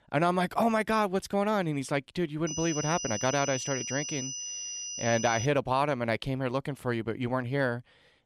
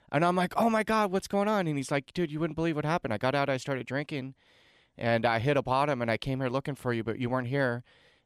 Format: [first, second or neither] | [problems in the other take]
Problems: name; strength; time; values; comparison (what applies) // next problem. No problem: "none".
second | high-pitched whine; loud; from 2.5 to 5.5 s; 6 kHz, 5 dB below the speech